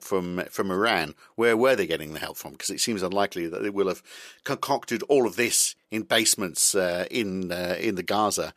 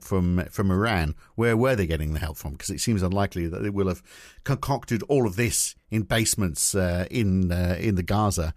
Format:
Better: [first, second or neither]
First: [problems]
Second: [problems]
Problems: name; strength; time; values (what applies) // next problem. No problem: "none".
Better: second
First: thin; somewhat; fading below 350 Hz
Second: none